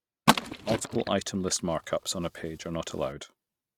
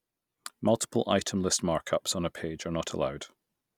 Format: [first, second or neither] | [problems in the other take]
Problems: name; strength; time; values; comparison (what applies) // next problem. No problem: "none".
second | noise reduction (neural mask model RNNoise)